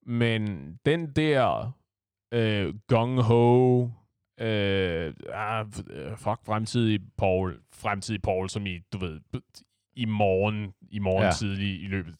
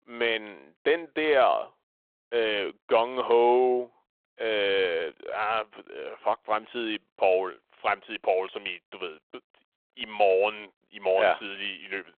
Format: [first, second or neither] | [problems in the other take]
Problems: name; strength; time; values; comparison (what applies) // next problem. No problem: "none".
first | phone-call audio